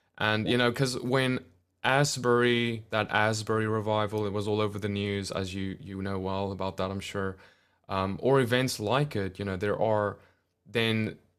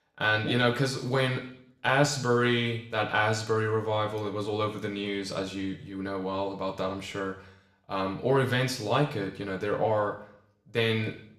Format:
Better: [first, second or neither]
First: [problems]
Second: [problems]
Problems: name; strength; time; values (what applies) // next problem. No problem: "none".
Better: first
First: none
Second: room echo; slight; dies away in 0.6 s